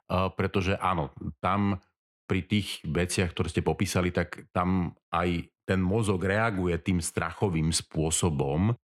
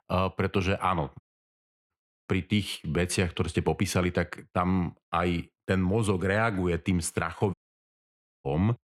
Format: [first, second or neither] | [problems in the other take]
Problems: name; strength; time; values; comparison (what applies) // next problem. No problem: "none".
first | audio cutting out; at 1 s for 0.5 s and at 7.5 s for 1 s